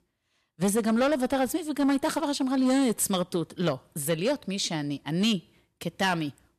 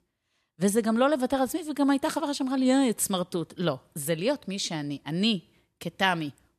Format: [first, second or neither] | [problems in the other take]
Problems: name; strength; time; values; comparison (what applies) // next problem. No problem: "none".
second | distortion; slight; 7% of the sound clipped